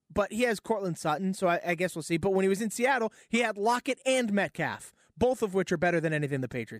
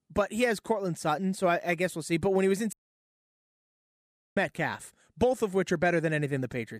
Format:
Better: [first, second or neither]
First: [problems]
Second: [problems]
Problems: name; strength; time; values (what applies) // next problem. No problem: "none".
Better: first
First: none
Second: audio cutting out; at 2.5 s for 1.5 s